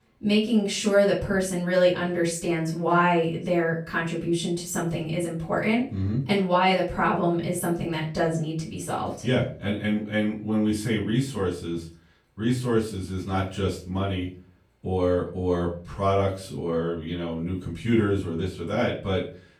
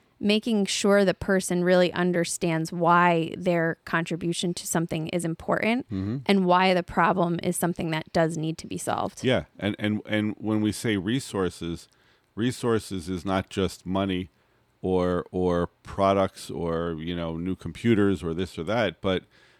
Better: second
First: off-mic speech; far // room echo; slight; dies away in 0.3 s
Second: none

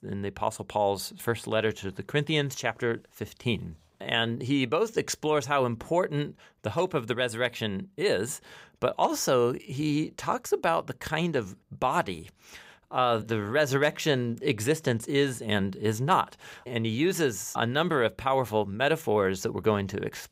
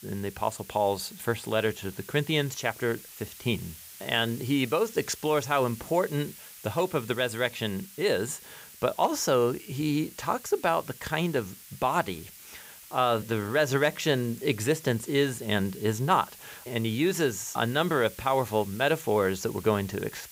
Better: first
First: none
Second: hiss; noticeable; throughout; 15 dB below the speech

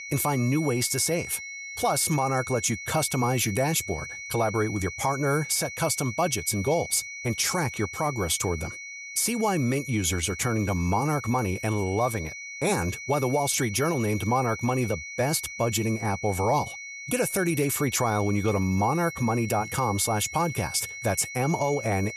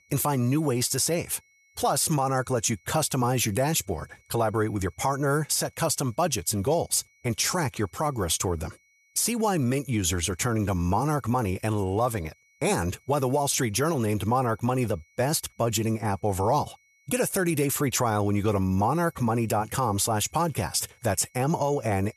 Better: second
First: high-pitched whine; loud; throughout; 2 kHz, 10 dB below the speech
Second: high-pitched whine; faint; throughout; 2 kHz, 35 dB below the speech

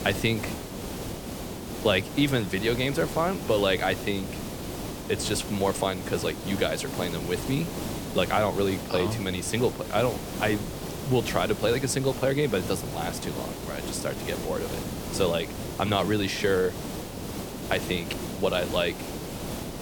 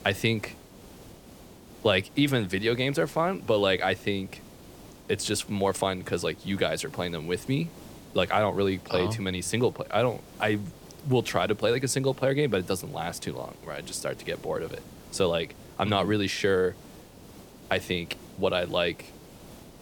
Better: second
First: hiss; loud; throughout; 7 dB below the speech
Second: hiss; faint; throughout; 20 dB below the speech

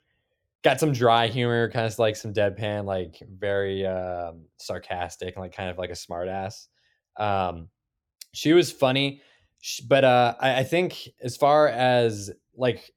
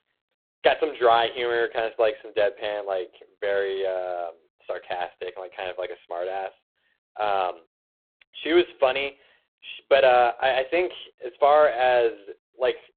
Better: first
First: none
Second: phone-call audio; poor line

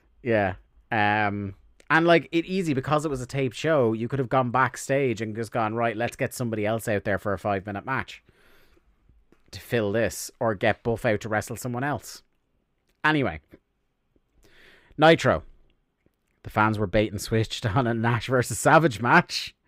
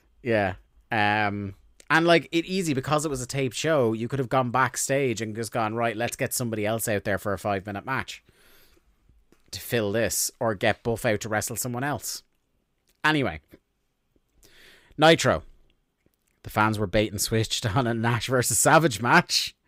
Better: second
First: muffled; slightly; fading above 3.5 kHz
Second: none

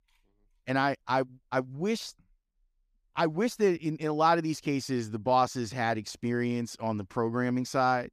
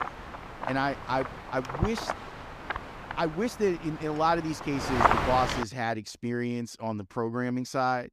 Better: first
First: none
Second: wind noise on the microphone; heavy; until 5.5 s; as loud as the speech

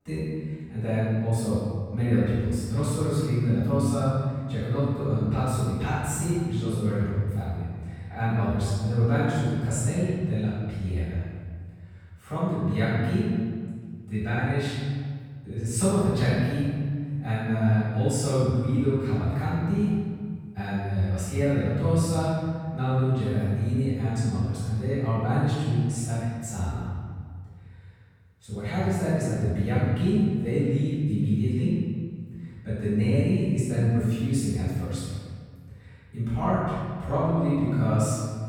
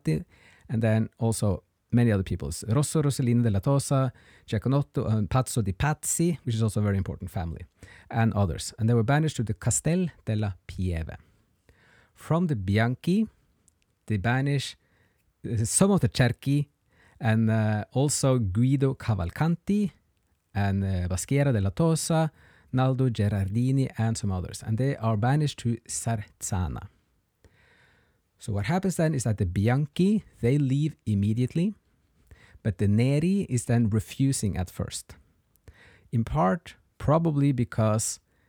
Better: second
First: room echo; strong; dies away in 1.7 s // off-mic speech; far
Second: none

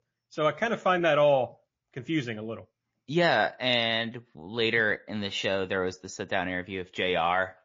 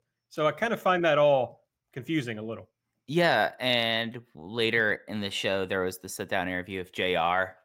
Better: second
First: garbled, watery; slightly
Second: none

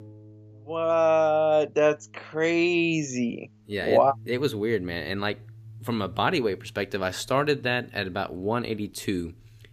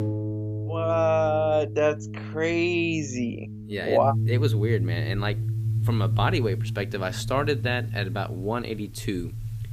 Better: first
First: background music; faint; throughout; 25 dB below the speech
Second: background music; loud; throughout; 3 dB below the speech

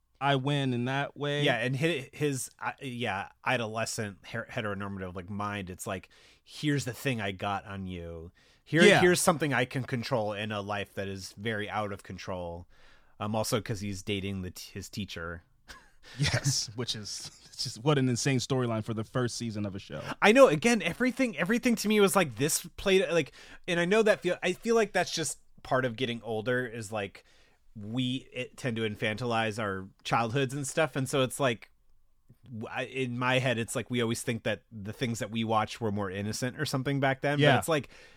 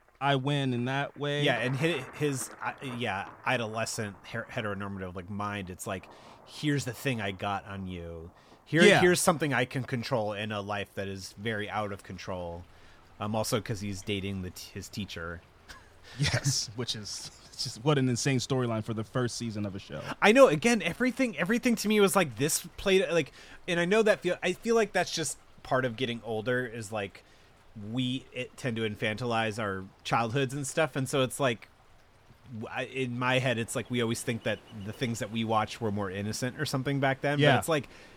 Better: first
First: none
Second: rain or running water; faint; throughout; 25 dB below the speech

